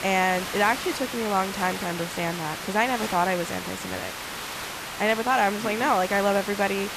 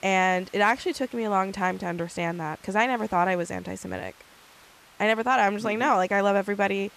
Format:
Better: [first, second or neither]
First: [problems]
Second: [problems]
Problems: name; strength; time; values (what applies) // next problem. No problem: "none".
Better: second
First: hiss; loud; throughout; 7 dB below the speech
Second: hiss; faint; throughout; 25 dB below the speech